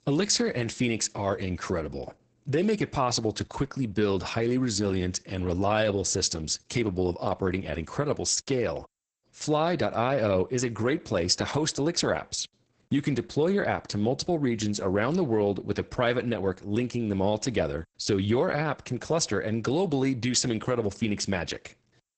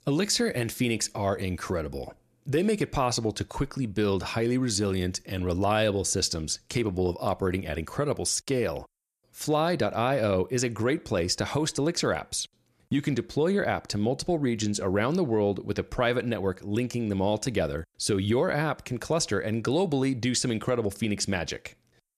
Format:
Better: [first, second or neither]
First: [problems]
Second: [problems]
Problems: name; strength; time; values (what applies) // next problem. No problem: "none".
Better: second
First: garbled, watery; badly; nothing above 8 kHz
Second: none